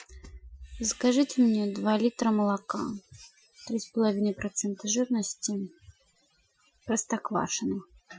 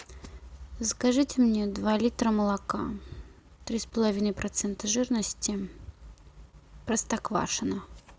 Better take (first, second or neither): second